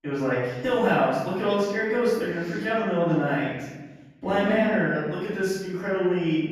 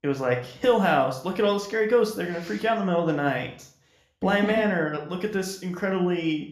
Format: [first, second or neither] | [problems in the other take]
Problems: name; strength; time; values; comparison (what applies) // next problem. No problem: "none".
second | room echo; strong; dies away in 1.1 s; slight in the second // off-mic speech; far; somewhat distant in the second